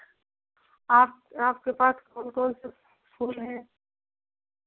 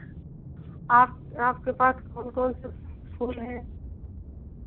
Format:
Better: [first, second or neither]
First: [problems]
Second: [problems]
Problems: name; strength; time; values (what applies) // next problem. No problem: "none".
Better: first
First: none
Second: background sound (Aircraft); 13 dB below the speech